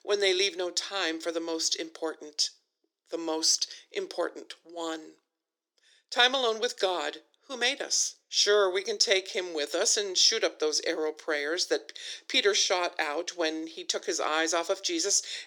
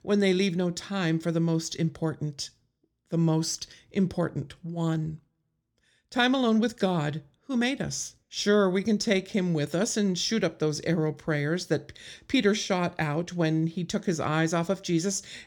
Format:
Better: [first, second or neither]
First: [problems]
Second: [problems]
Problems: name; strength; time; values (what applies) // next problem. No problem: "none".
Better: second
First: thin; very; fading below 350 Hz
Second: none